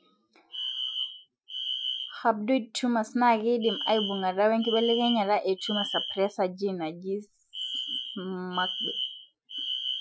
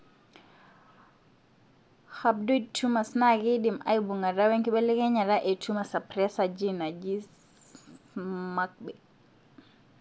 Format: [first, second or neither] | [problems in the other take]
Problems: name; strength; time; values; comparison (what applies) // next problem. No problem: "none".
second | noise reduction (classical method Wiener filter)